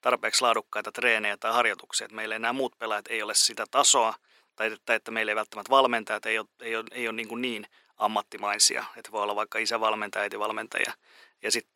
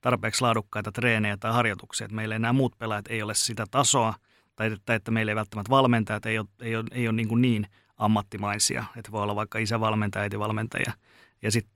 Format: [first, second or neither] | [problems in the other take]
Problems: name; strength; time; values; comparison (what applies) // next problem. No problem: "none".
second | thin; very; fading below 400 Hz